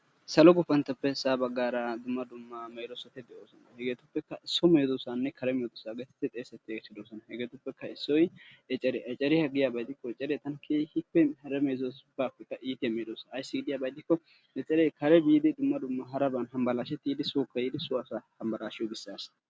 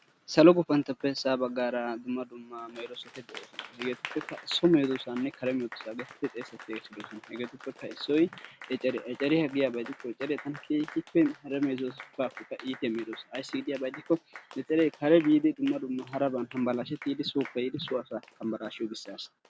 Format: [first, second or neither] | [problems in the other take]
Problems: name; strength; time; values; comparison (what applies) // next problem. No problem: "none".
first | background sound (Applause); 19 dB below the speech